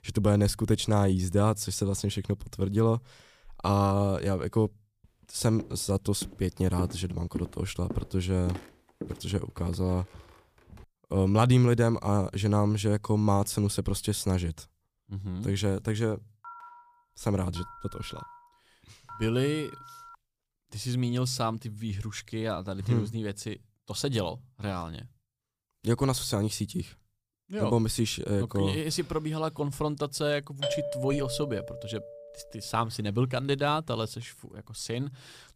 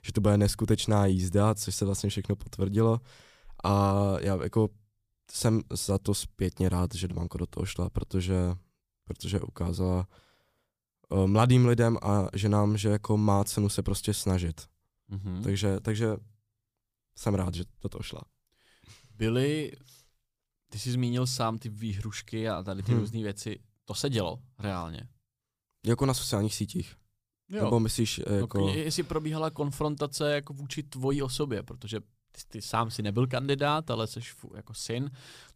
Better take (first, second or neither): second